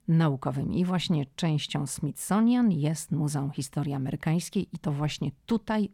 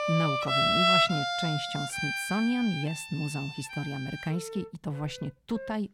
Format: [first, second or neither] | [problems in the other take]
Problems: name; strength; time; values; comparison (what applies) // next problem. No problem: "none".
first | background music; very loud; throughout; 5 dB above the speech